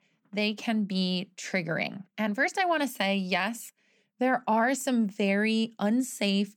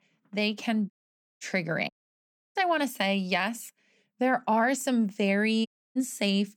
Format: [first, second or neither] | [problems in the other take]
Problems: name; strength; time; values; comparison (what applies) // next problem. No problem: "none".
first | audio cutting out; at 1 s for 0.5 s, at 2 s for 0.5 s and at 5.5 s